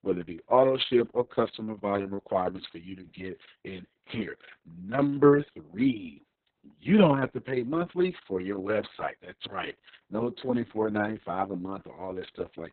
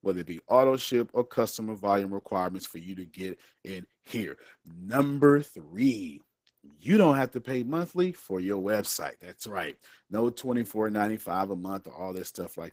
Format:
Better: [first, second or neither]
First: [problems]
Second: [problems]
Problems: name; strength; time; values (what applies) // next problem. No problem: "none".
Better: second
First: garbled, watery; badly; nothing above 4 kHz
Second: garbled, watery; slightly; nothing above 15.5 kHz